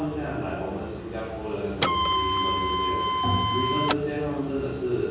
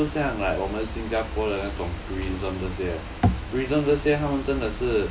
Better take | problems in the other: second | background sound (Printer); 4 dB above the speech // room echo; dies away in 1.3 s

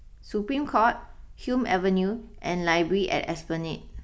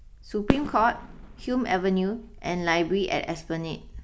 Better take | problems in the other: first | background sound (Fireworks); 7 dB below the speech

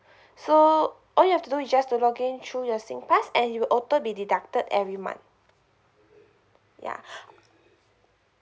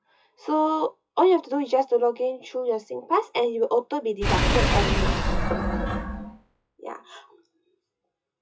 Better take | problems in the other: first | noise reduction (classical method WPE with log-MMSE)

